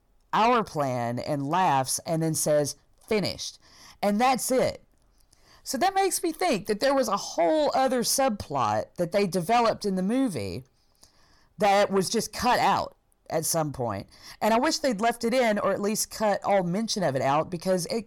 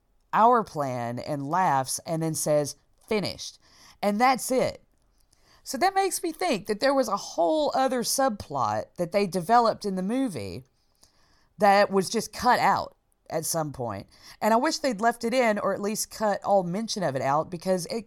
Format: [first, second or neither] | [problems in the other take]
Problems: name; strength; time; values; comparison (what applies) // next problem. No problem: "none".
second | distortion; slight; 10 dB below the speech